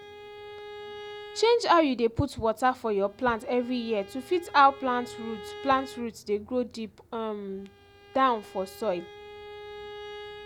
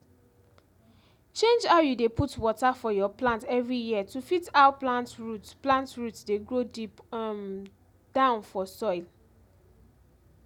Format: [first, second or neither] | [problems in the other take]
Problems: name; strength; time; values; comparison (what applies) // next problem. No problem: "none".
second | background sound (Bowed string instrument); 17 dB below the speech